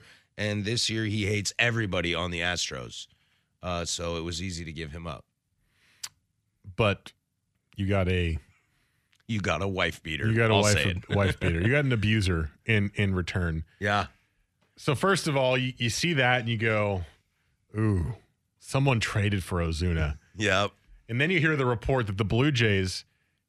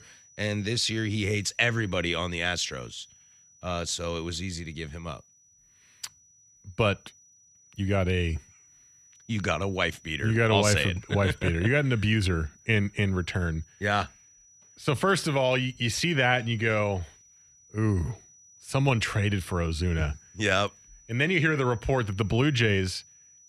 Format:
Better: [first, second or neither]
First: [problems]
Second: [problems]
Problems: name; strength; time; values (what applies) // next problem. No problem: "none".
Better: first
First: none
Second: high-pitched whine; faint; throughout; 6 kHz, 25 dB below the speech